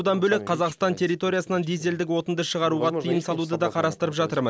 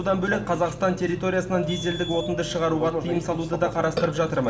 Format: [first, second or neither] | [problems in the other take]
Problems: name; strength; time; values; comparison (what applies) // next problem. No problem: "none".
first | background sound (Burping, eructation); 10 dB below the speech // room echo; dies away in 1.6 s